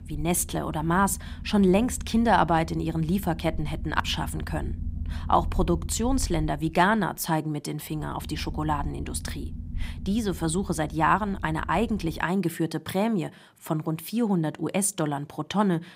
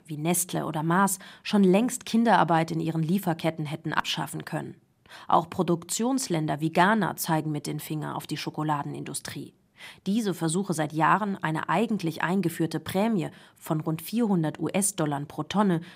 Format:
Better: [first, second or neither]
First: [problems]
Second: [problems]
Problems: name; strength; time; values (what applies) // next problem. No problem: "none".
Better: second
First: low rumble; faint; until 12 s; 25 dB below the speech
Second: none